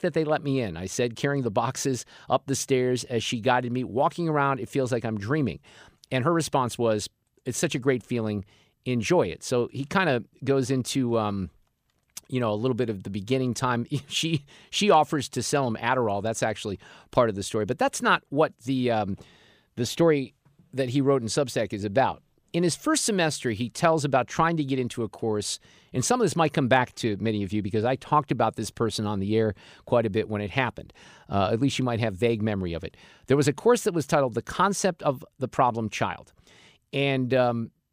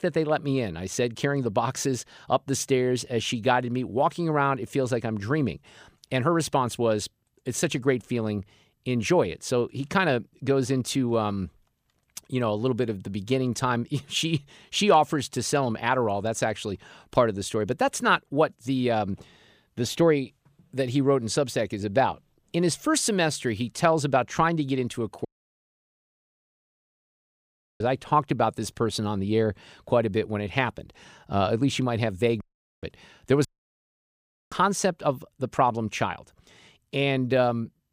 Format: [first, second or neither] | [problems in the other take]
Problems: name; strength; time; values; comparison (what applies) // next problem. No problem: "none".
first | audio cutting out; at 25 s for 2.5 s, at 32 s and at 33 s for 1 s